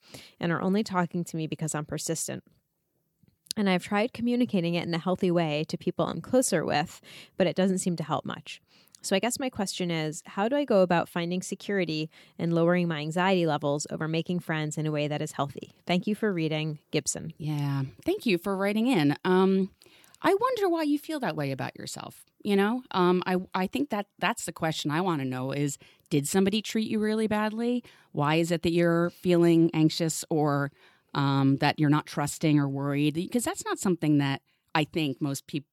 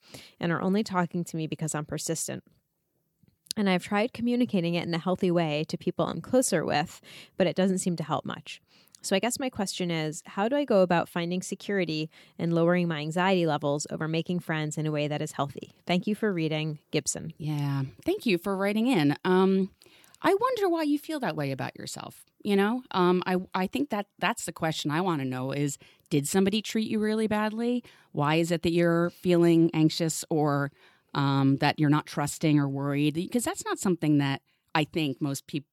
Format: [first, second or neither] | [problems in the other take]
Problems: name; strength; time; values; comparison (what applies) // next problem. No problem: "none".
neither | none